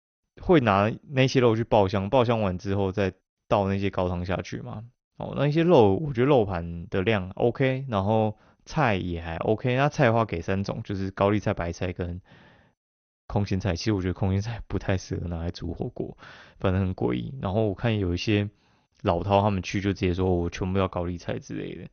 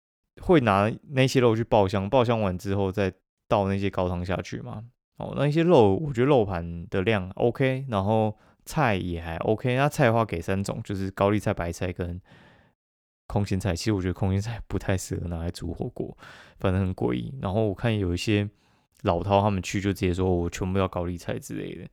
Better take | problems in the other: second | garbled, watery; slightly; nothing above 6.5 kHz

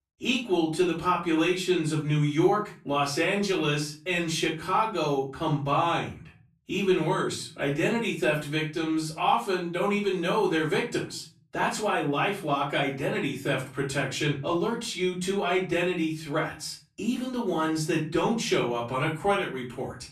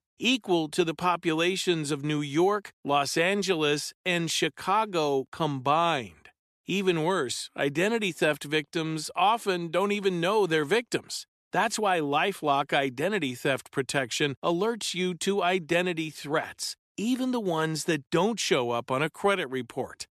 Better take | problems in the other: second | off-mic speech; far // room echo; slight; dies away in 0.4 s

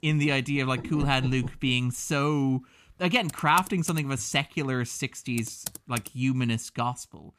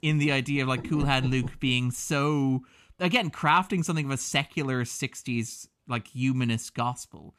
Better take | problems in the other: second | keyboard typing; noticeable; from 3.5 to 6 s; peak 9 dB below the speech

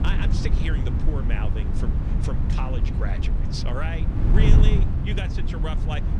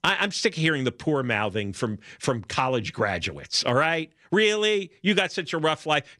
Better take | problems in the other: second | wind noise on the microphone; heavy; 2 dB below the speech

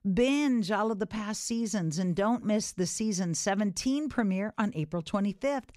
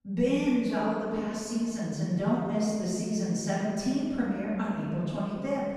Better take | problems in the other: first | off-mic speech; far // room echo; strong; dies away in 2.1 s

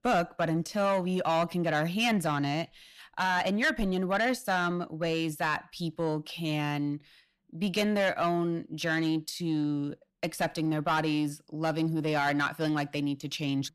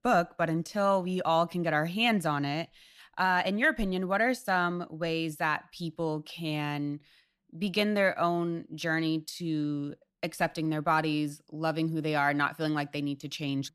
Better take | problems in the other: second | distortion; slight; 10 dB below the speech

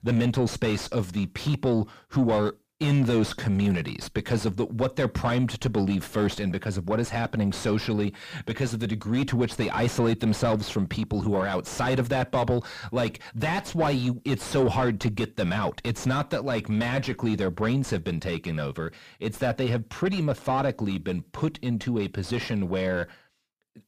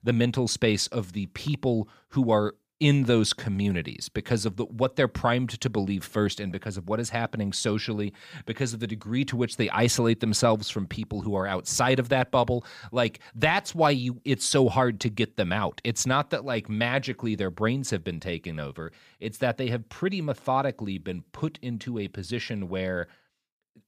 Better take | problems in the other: second | distortion; heavy; 6 dB below the speech

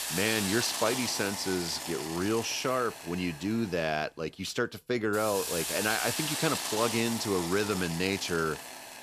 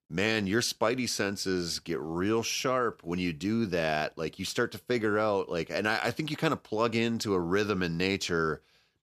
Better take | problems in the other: second | hiss; loud; throughout; 3 dB below the speech

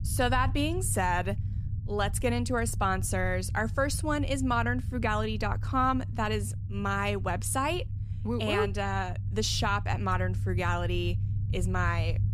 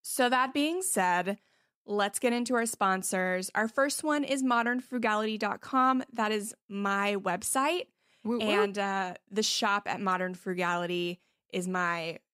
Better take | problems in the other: second | low rumble; noticeable; throughout; 20 dB below the speech

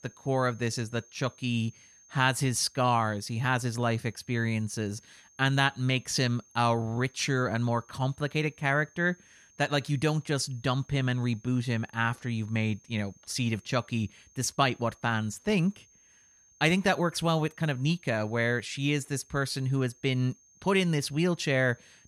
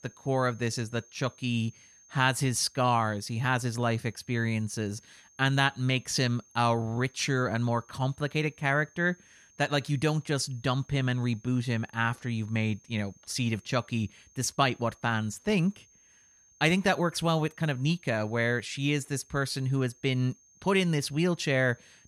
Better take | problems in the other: neither | high-pitched whine; faint; throughout; 6.5 kHz, 30 dB below the speech; the same in both

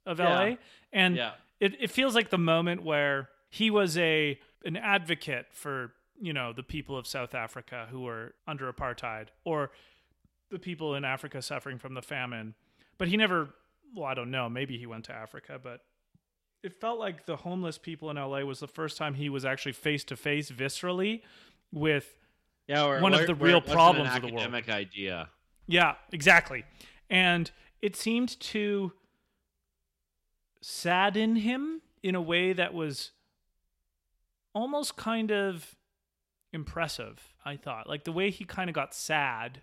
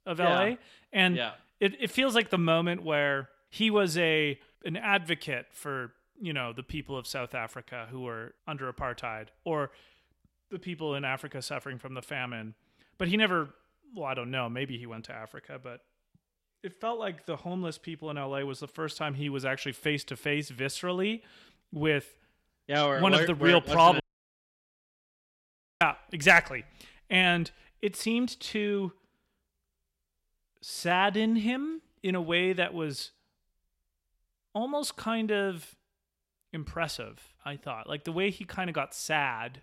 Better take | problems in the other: first | audio cutting out; at 24 s for 2 s

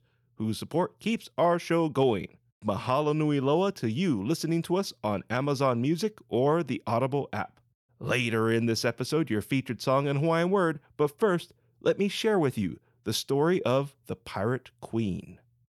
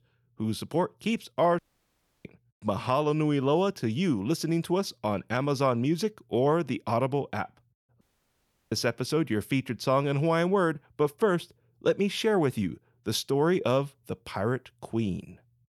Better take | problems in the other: first | audio cutting out; at 1.5 s for 0.5 s and at 8 s for 0.5 s

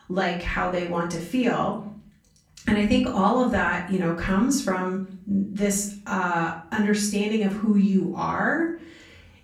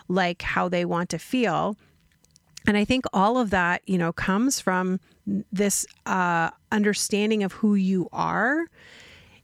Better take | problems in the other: second | off-mic speech; far // room echo; slight; dies away in 0.4 s

